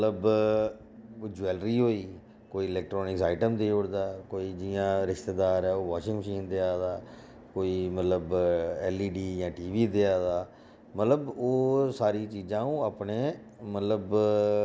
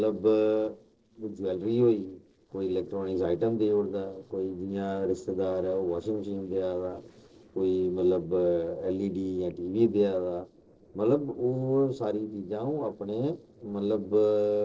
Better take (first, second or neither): first